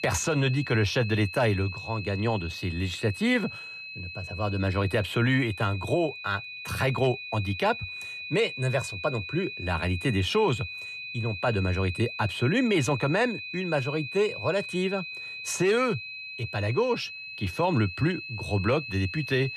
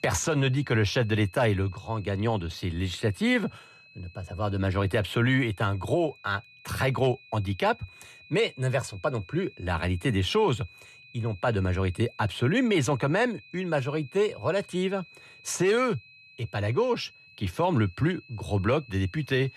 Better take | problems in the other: second | high-pitched whine; loud; throughout; 2.5 kHz, 9 dB below the speech; faint in the second

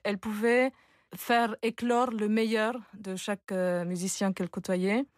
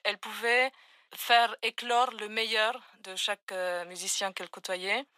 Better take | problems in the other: first | thin; very; fading below 700 Hz

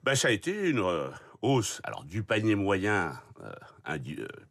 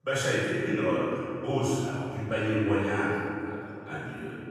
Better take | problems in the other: first | off-mic speech; far // room echo; strong; dies away in 2.3 s

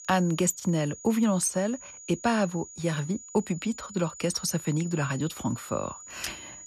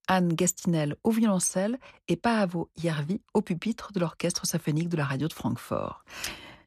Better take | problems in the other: second | high-pitched whine; noticeable; throughout; 7 kHz, 15 dB below the speech

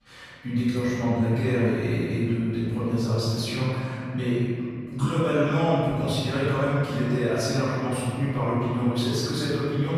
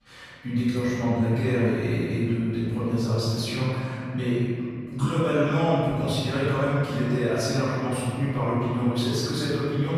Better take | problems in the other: neither | room echo; strong; dies away in 2.7 s; the same in both // off-mic speech; far; the same in both

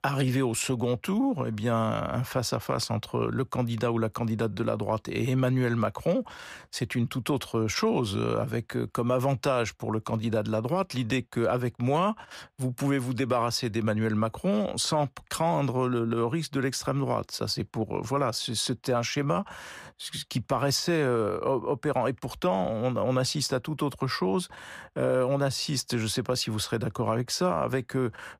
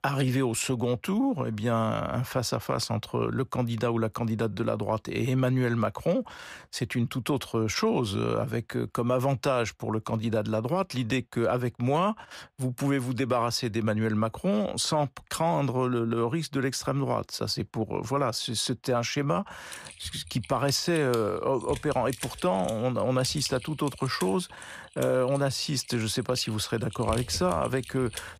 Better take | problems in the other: first | keyboard typing; noticeable; from 20 s on; peak 7 dB below the speech

